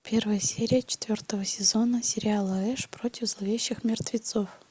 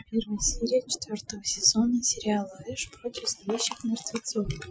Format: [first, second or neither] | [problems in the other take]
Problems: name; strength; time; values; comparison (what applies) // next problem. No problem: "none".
first | noise reduction (classical method Wiener filter)